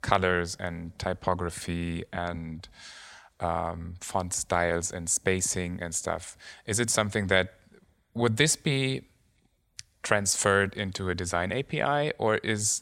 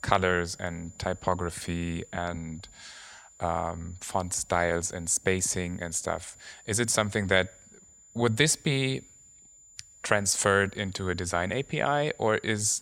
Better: first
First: none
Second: high-pitched whine; faint; throughout; 7 kHz, 25 dB below the speech

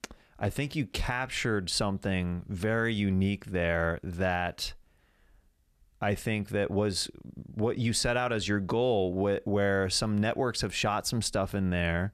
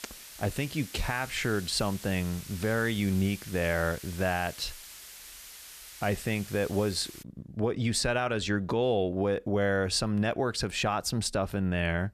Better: first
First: none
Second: hiss; noticeable; until 7 s; 15 dB below the speech

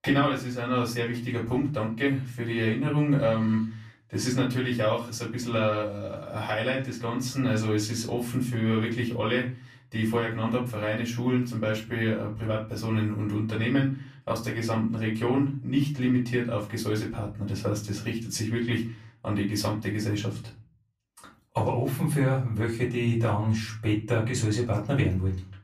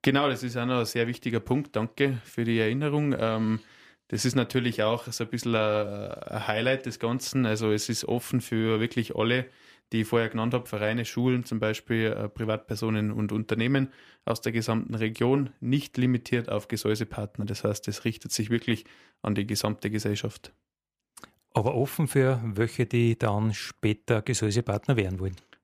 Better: second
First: off-mic speech; far // room echo; slight; dies away in 0.4 s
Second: none

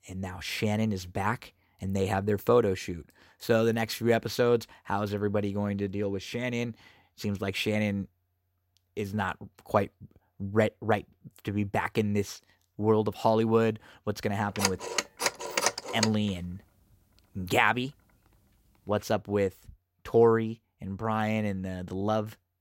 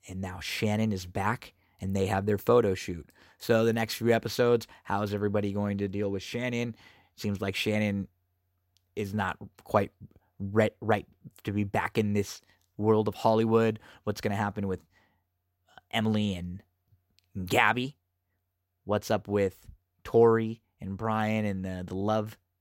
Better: second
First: phone ringing; loud; from 15 to 16 s; peak 1 dB above the speech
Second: none

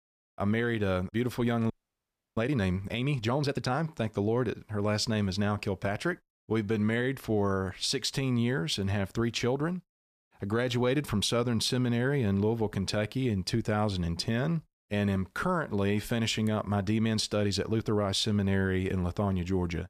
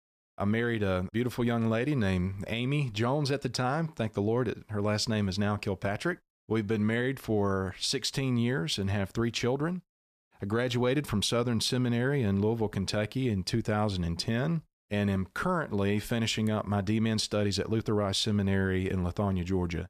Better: second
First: audio freezing; at 1.5 s for 0.5 s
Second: none

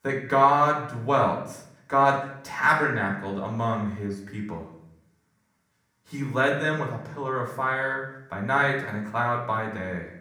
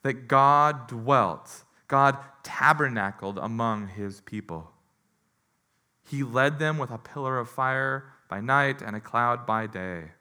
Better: second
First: room echo; slight; dies away in 0.6 s // off-mic speech; far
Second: none

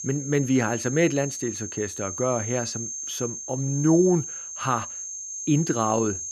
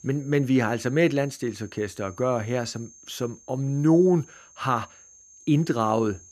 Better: second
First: high-pitched whine; loud; throughout; 6.5 kHz, 7 dB below the speech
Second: high-pitched whine; faint; throughout; 6.5 kHz, 25 dB below the speech

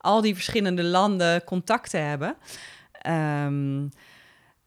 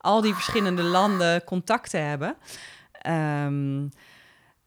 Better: first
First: none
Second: alarm; noticeable; until 1 s; peak 6 dB below the speech

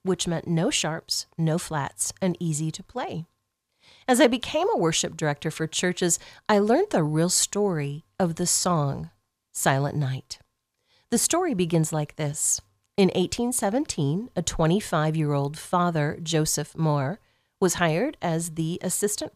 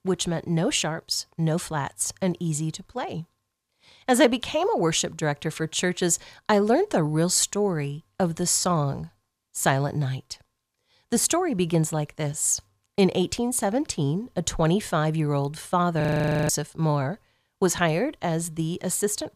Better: first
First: none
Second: audio freezing; at 16 s

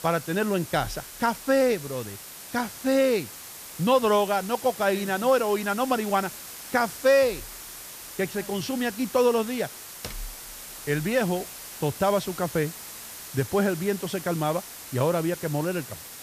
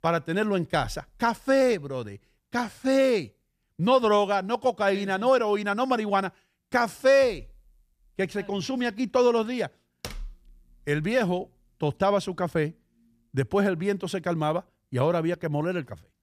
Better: second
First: hiss; noticeable; throughout; 10 dB below the speech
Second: none

